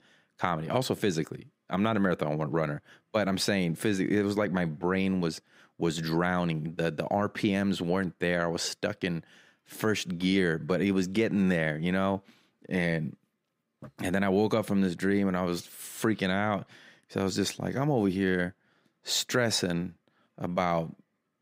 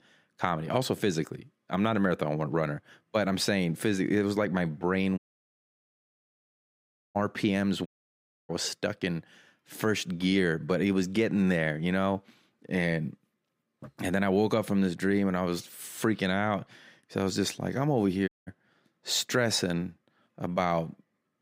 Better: first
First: none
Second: audio cutting out; at 5 s for 2 s, at 8 s for 0.5 s and at 18 s

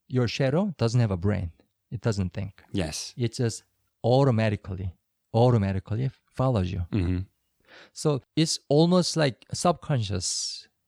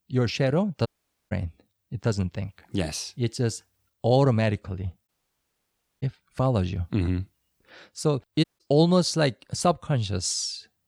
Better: first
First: none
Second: audio cutting out; at 1 s, at 5 s for 1 s and at 8.5 s

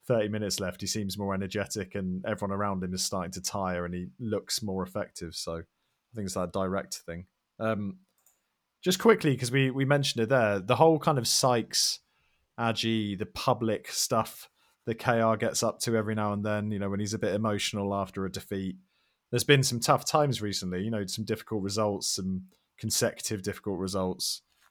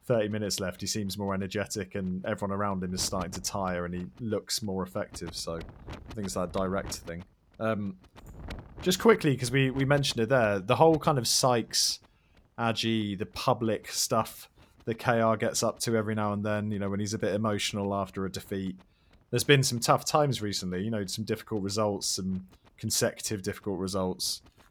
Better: first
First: none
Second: wind noise on the microphone; occasional gusts; 25 dB below the speech

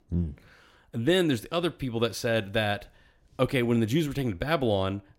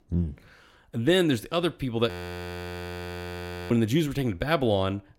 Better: first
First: none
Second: audio freezing; at 2 s for 1.5 s

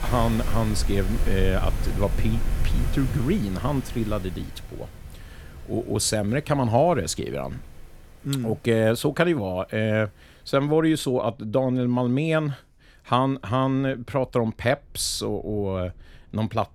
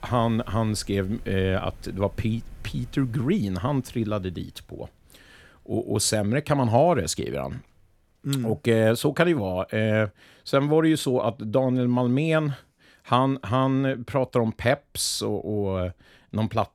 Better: second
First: wind in the background; loud; throughout; 7 dB below the speech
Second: wind in the background; faint; throughout; 25 dB below the speech

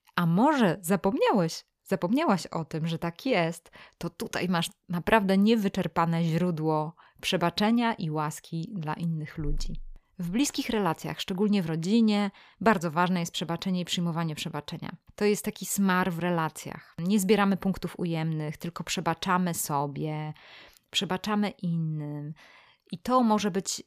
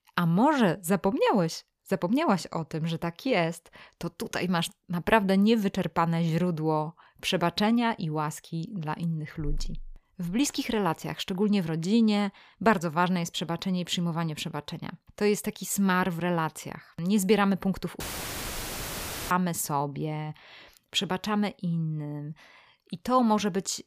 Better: first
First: none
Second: audio cutting out; filled with static; at 18 s for 1.5 s

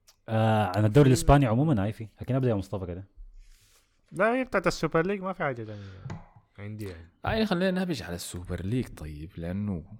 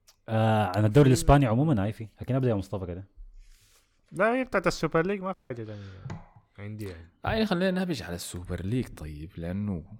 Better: first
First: none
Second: audio cutting out; at 5.5 s

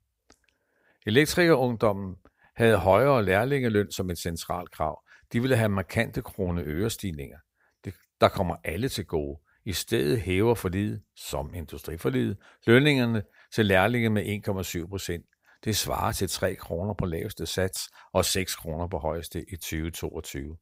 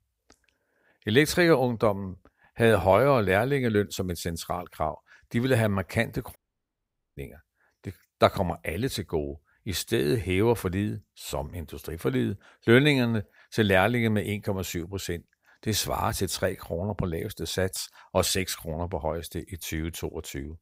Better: first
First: none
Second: audio cutting out; at 6.5 s for 1 s

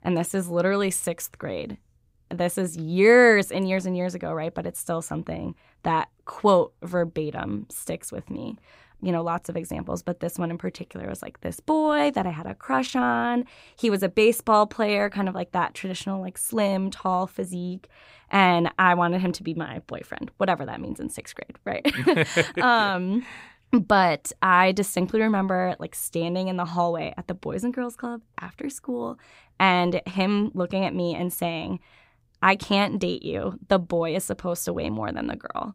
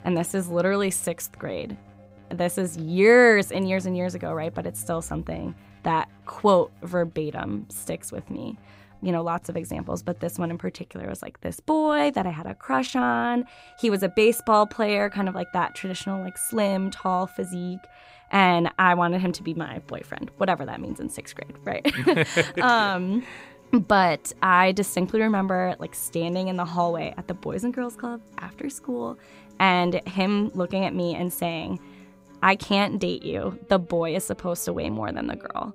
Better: first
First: none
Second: background music; faint; throughout; 25 dB below the speech

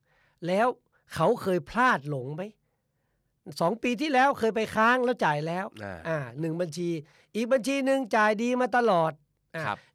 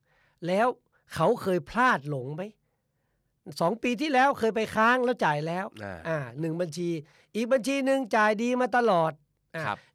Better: neither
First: none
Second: none

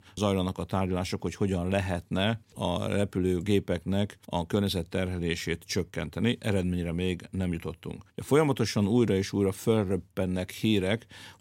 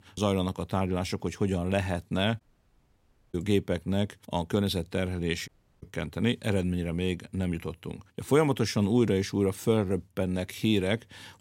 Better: first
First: none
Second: audio cutting out; at 2.5 s for 1 s and at 5.5 s

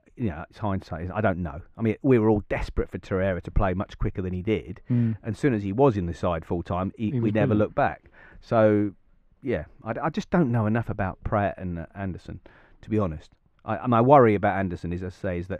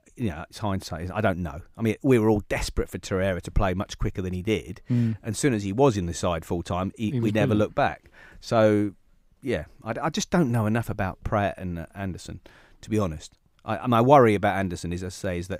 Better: second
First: muffled; very; fading above 4 kHz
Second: none

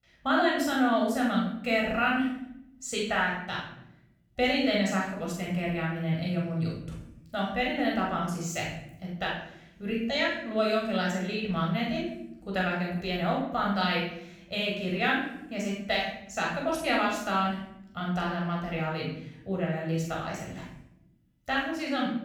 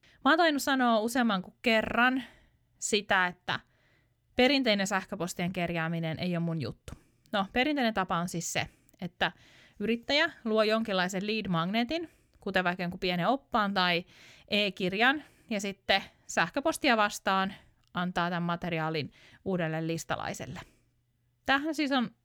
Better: second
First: off-mic speech; far // room echo; noticeable; dies away in 0.7 s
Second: none

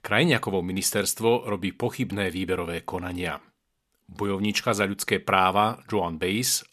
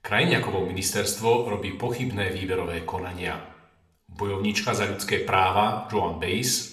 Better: first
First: none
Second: room echo; slight; dies away in 0.6 s

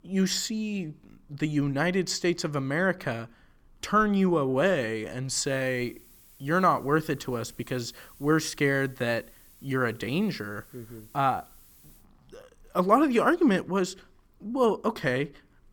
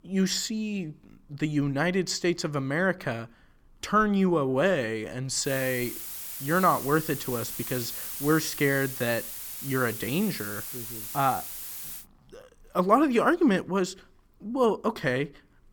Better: first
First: hiss; faint; from 5.5 to 12 s; 25 dB below the speech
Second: hiss; loud; from 5.5 to 12 s; 7 dB below the speech

